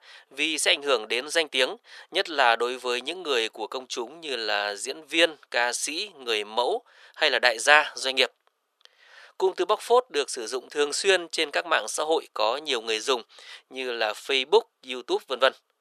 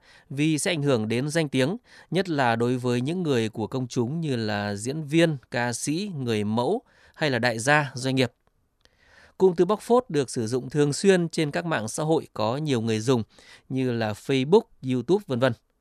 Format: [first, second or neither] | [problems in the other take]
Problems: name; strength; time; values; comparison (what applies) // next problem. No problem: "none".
second | thin; very; fading below 450 Hz